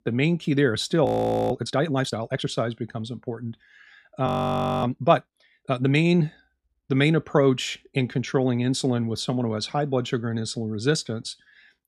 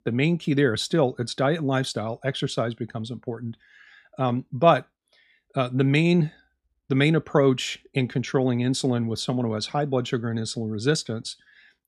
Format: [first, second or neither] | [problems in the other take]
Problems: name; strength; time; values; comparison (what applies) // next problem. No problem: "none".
second | audio freezing; at 1 s and at 4.5 s for 0.5 s